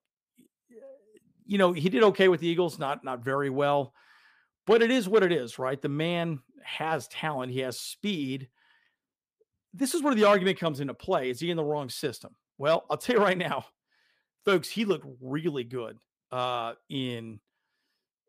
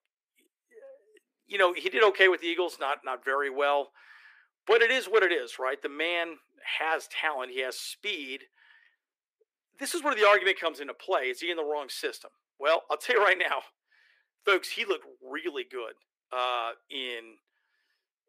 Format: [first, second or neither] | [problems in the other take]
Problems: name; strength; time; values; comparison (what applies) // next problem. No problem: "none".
first | thin; very; fading below 350 Hz